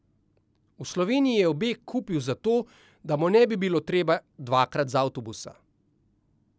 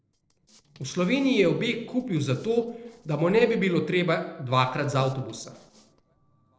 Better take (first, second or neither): first